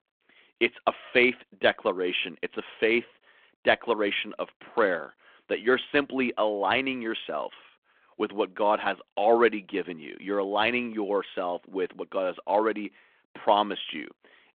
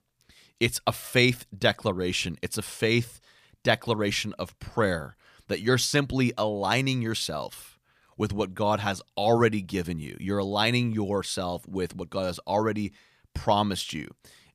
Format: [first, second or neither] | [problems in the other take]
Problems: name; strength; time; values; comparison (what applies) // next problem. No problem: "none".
second | phone-call audio